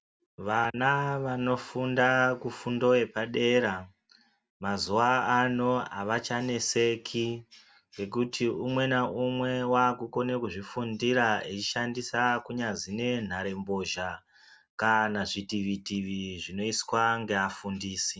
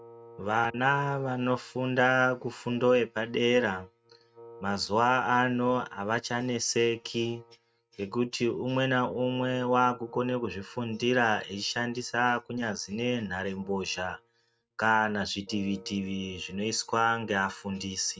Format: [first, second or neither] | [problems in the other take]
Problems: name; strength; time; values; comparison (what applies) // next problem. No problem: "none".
first | noise reduction (neural mask model RNNoise)